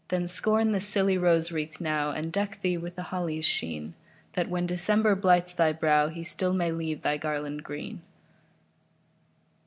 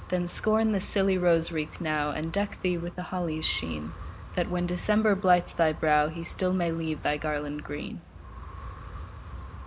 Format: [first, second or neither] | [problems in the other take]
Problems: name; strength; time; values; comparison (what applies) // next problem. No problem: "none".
first | background sound (Wind); 13 dB below the speech